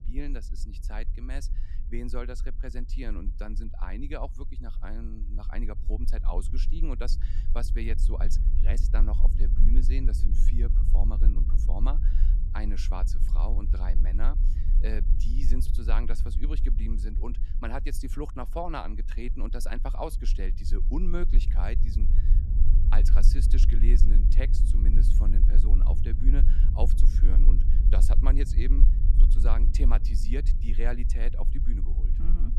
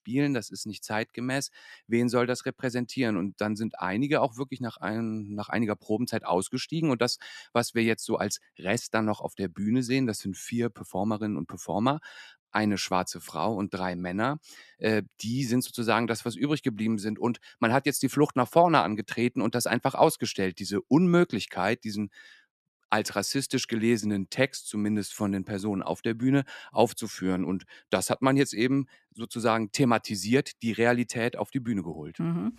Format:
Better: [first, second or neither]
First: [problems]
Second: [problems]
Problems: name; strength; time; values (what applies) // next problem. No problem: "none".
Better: second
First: low rumble; loud; throughout; 8 dB below the speech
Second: none